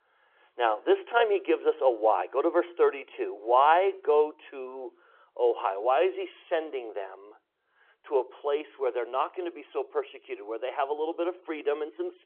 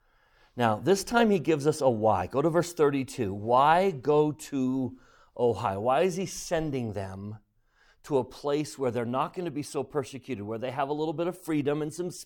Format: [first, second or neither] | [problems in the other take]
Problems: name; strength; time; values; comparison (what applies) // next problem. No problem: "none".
second | phone-call audio